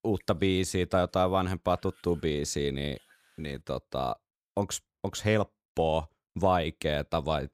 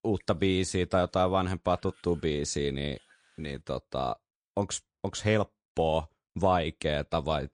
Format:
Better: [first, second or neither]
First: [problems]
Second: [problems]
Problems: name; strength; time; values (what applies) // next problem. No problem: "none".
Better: first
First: none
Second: garbled, watery; slightly; nothing above 9 kHz